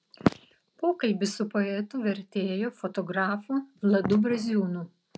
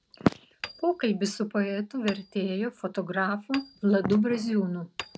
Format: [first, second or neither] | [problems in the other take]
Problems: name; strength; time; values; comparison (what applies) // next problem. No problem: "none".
first | background sound (Hammer); 18 dB below the speech